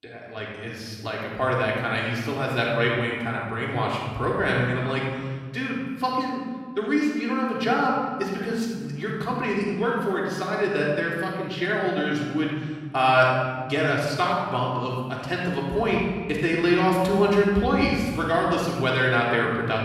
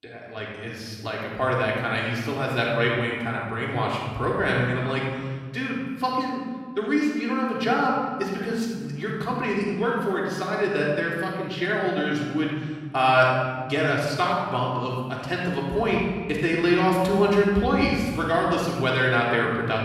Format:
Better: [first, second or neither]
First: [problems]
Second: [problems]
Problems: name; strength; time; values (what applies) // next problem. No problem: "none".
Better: neither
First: off-mic speech; far // room echo; noticeable; dies away in 1.6 s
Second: off-mic speech; far // room echo; noticeable; dies away in 1.6 s